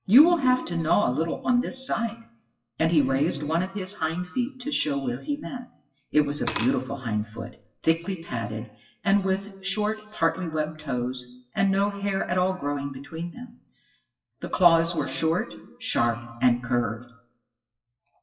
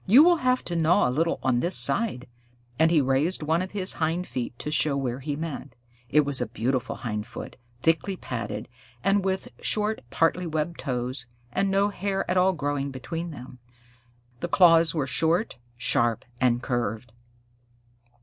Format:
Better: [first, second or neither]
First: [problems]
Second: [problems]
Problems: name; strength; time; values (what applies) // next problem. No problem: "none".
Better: second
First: noise reduction (classical method WPE with log-MMSE)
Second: none